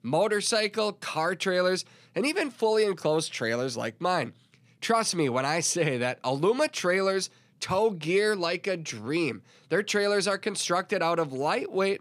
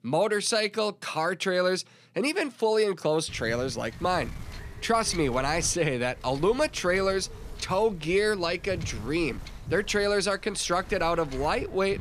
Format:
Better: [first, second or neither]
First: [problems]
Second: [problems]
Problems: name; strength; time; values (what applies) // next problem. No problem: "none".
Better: first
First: none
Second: wind noise on the microphone; occasional gusts; from 3.5 s on; 20 dB below the speech